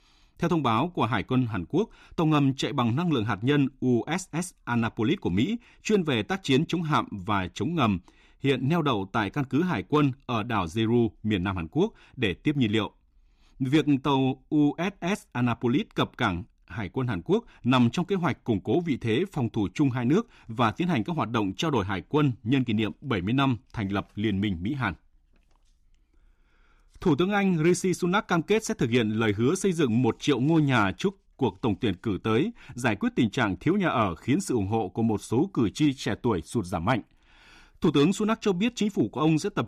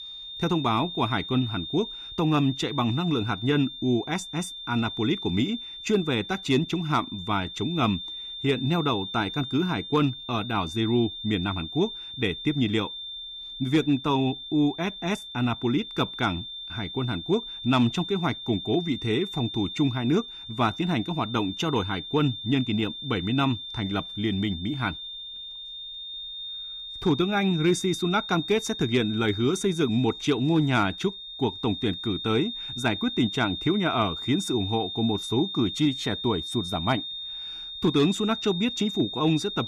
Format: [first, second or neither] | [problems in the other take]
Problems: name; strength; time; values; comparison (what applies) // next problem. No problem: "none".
first | high-pitched whine; loud; throughout; 3.5 kHz, 8 dB below the speech